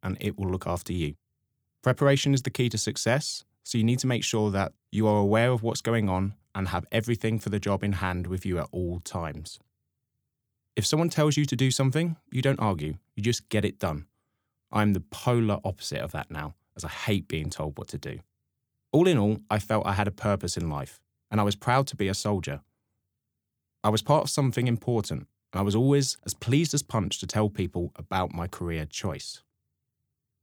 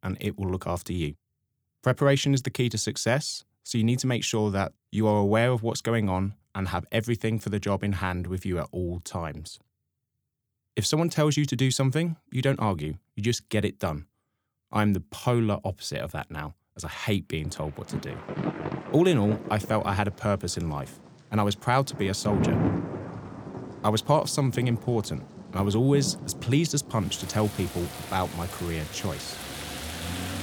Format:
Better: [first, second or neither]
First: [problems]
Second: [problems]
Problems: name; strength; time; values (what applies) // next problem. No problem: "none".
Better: first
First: none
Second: rain or running water; loud; from 18 s on; 8 dB below the speech